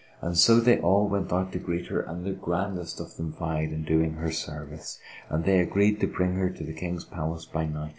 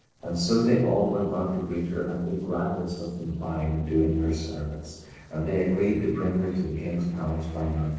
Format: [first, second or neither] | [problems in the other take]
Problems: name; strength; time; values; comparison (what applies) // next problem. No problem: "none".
first | noise reduction (neural separator model SepFormer DNS4)